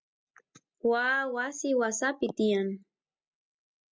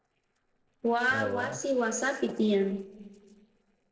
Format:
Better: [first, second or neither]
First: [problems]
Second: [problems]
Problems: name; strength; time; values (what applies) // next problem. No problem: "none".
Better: first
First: none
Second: noise reduction (neural separator model SepFormer DNS4)